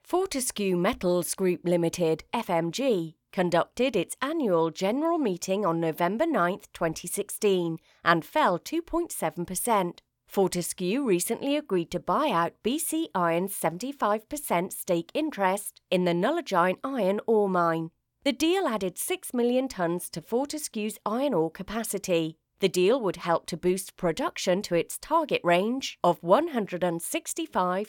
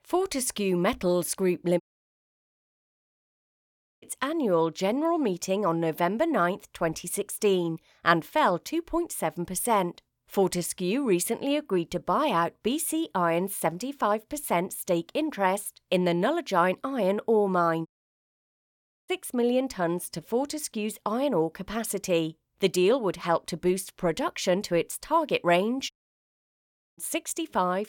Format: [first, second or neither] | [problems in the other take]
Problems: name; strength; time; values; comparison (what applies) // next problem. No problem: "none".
first | audio cutting out; at 2 s for 2 s, at 18 s for 1 s and at 26 s for 1 s